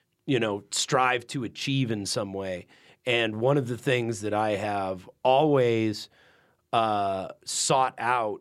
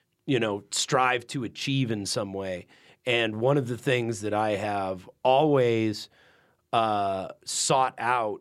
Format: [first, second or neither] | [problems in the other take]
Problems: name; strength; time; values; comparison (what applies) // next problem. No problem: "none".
neither | none